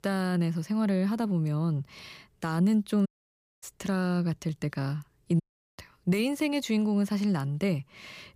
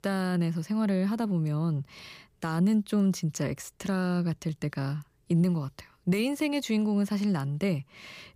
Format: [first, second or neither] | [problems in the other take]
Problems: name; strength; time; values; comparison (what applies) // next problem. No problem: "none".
second | audio cutting out; at 3 s for 0.5 s and at 5.5 s